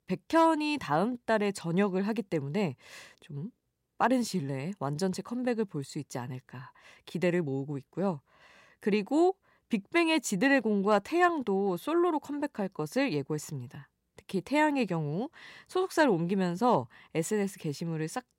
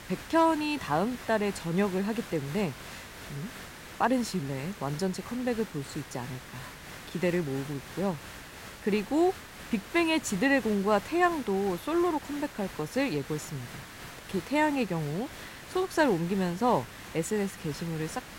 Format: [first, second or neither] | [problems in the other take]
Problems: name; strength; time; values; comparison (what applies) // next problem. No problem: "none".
first | hiss; noticeable; throughout; 15 dB below the speech